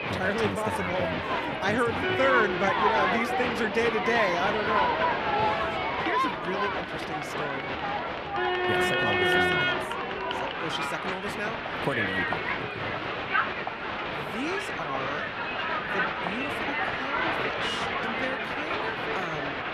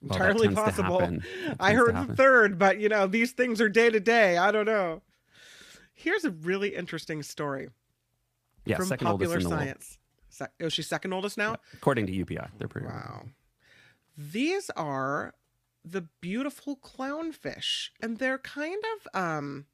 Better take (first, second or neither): second